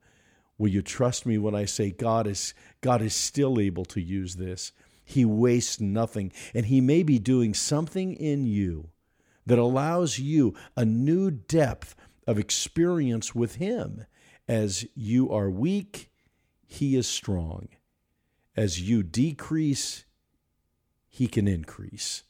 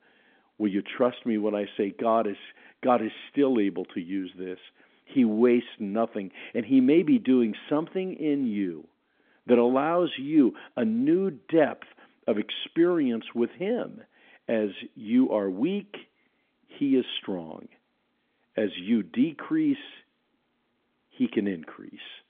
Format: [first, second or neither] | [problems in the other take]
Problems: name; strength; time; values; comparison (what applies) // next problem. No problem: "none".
first | phone-call audio; nothing above 3.5 kHz